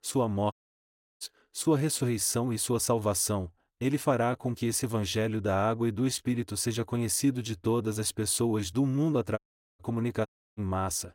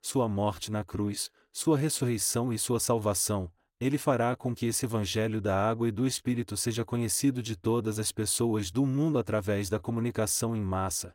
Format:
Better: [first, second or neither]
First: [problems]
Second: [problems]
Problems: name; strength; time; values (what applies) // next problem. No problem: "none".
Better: second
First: audio cutting out; at 0.5 s for 0.5 s, at 9.5 s and at 10 s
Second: none